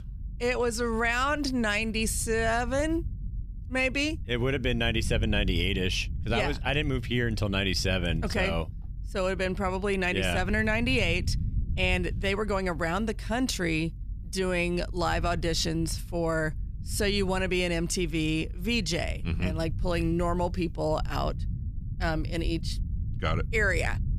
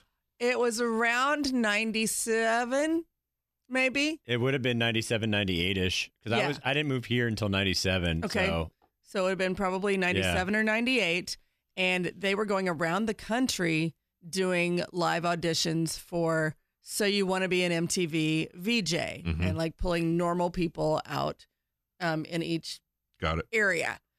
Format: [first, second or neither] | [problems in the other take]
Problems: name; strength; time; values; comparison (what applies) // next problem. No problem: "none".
second | low rumble; faint; throughout; 25 dB below the speech